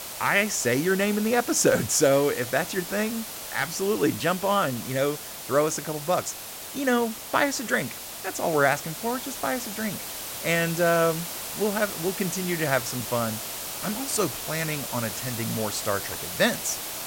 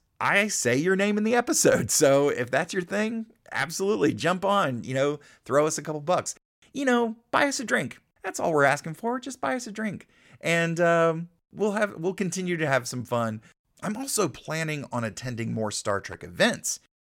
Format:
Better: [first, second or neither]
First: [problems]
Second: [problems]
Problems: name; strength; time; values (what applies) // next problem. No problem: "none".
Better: second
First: hiss; loud; throughout; 7 dB below the speech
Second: none